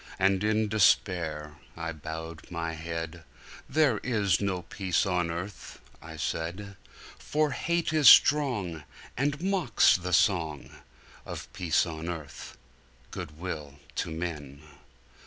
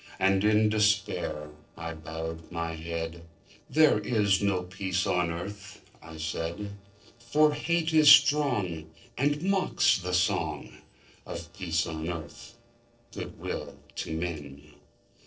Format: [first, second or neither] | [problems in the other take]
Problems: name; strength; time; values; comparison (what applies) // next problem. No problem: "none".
first | noise reduction (neural separator model SepFormer DNS4)